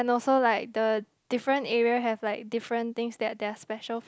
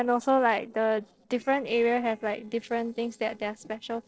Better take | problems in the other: first | noise reduction (neural separator model SepFormer DNS4)

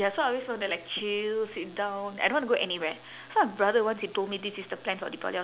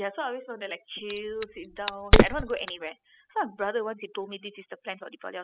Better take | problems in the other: first | noise reduction (classical method spectral subtraction)

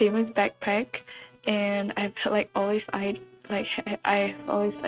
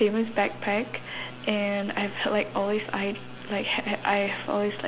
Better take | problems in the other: second | noise reduction (neural mask model RNNoise)

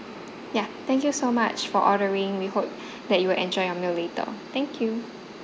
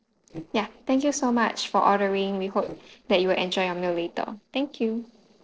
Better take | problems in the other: first | noise reduction (neural separator model SepFormer DNS4)

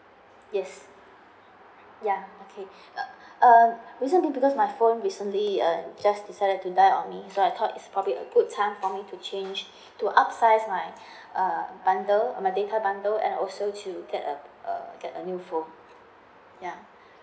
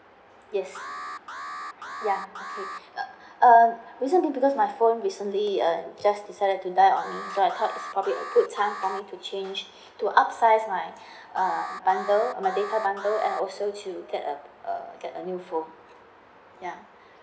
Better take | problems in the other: first | background sound (Alarm); 13 dB below the speech

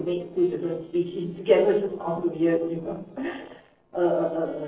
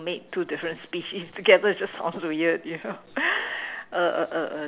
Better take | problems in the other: second | noise reduction (neural separator model SepFormer DNS4)

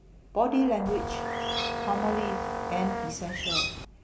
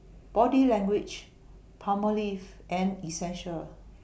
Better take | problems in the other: second | background sound (Brass instrument + Bird); 1 dB below the speech

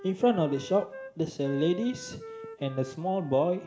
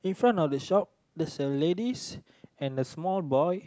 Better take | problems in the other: second | background sound (Wind instrument, woodwind instrument); 15 dB below the speech // room echo; dies away in 0.6 s

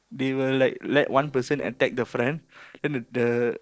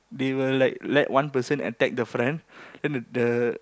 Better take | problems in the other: second | noise reduction (neural separator model SepFormer DNS4)

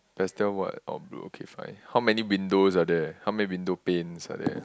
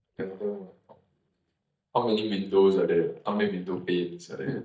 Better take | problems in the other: first | noise reduction (neural mask model DeepFilterNet 3)

